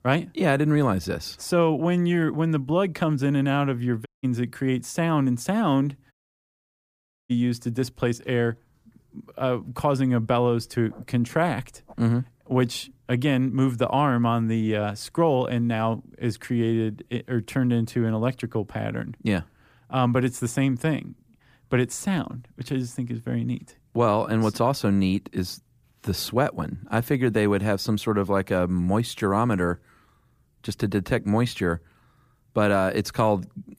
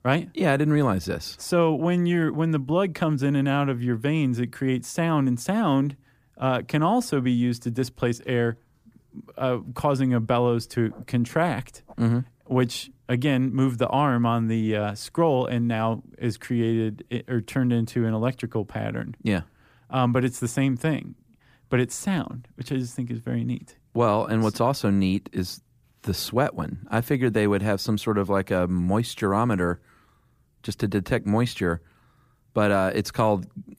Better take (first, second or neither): second